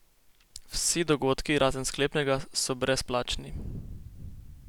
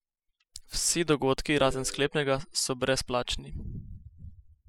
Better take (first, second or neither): first